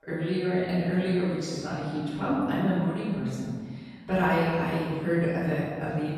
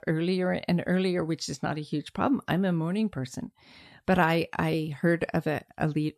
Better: second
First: room echo; strong; dies away in 1.5 s // off-mic speech; far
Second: none

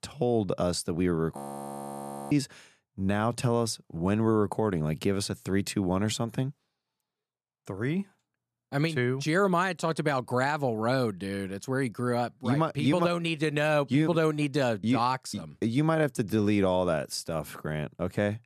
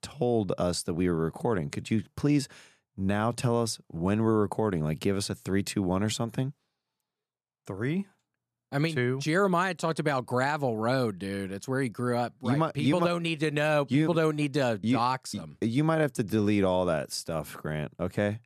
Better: second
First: audio freezing; at 1.5 s for 1 s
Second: none

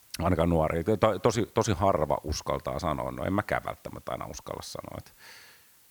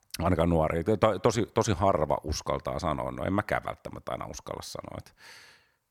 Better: second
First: hiss; faint; throughout; 25 dB below the speech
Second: none

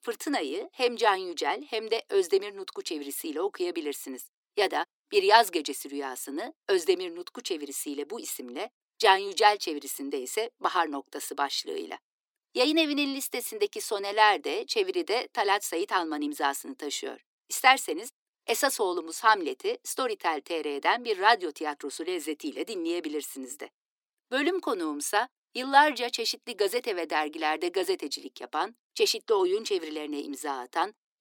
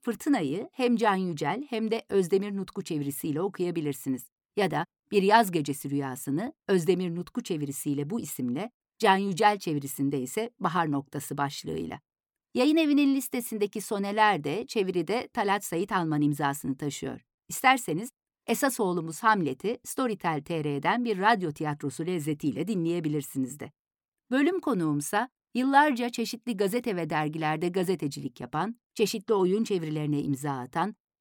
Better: second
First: thin; somewhat; fading below 350 Hz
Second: none

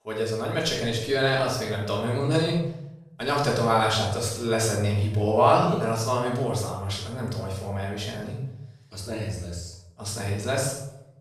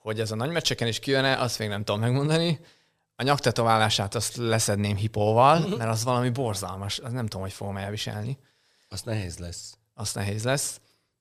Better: second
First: off-mic speech; far // room echo; noticeable; dies away in 0.6 s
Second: none

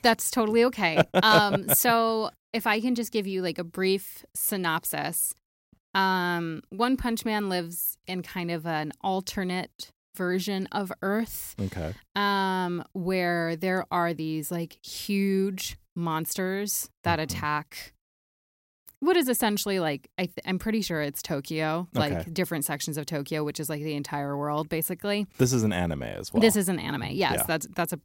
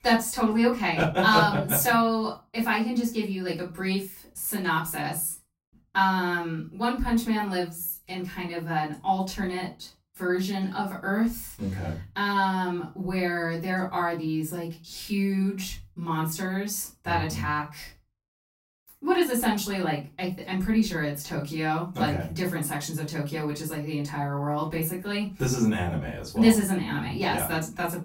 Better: first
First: none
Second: off-mic speech; far // room echo; slight; dies away in 0.3 s

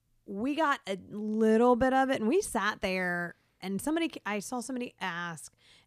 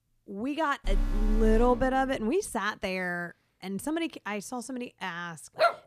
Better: first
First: none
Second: alarm; noticeable; from 1 to 2 s; peak 1 dB below the speech // dog barking; loud; at 5.5 s; peak 3 dB above the speech

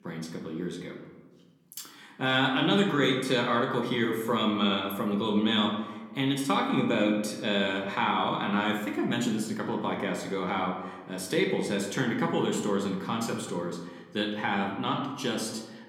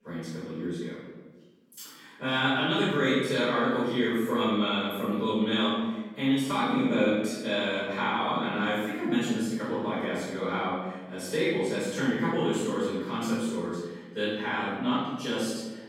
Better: first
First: room echo; slight; dies away in 1 s // off-mic speech; somewhat distant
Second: room echo; strong; dies away in 1.1 s // off-mic speech; far

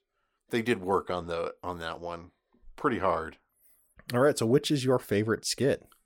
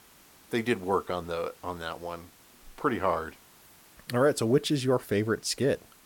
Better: first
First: none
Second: hiss; faint; throughout; 25 dB below the speech

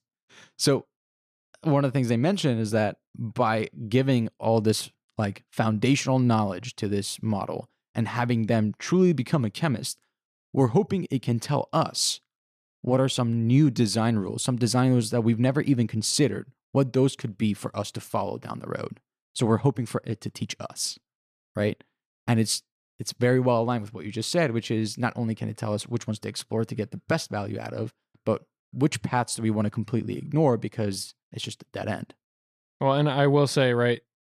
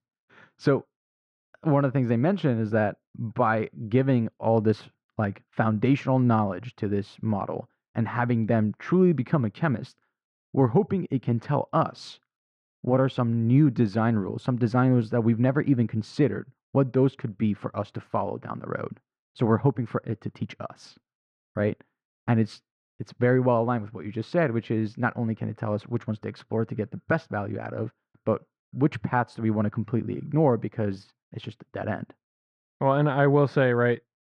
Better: first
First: none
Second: muffled; very; fading above 2 kHz

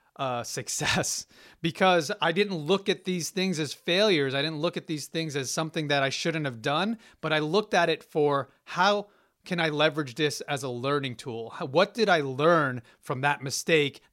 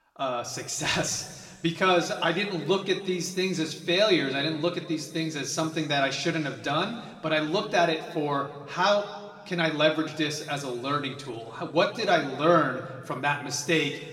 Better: first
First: none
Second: room echo; noticeable; dies away in 1.9 s // off-mic speech; somewhat distant

